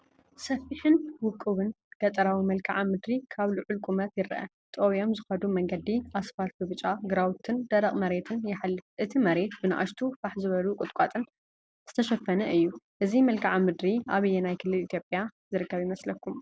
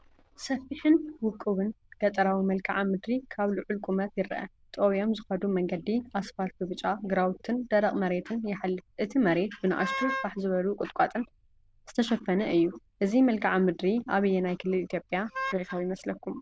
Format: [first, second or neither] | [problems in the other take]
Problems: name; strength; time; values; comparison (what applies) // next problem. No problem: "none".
first | noise reduction (neural diffusion model UNIVERSE++)